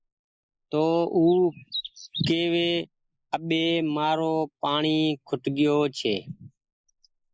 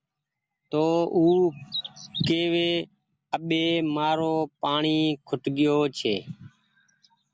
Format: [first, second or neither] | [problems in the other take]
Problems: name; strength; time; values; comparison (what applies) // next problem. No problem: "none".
second | noise reduction (neural mask model Resemble Enhance denoiser)